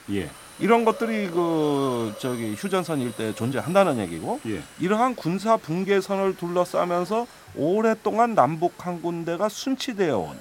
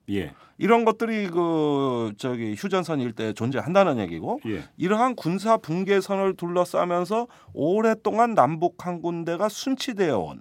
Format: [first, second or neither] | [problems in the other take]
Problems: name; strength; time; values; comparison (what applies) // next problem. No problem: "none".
second | hiss; noticeable; throughout; 20 dB below the speech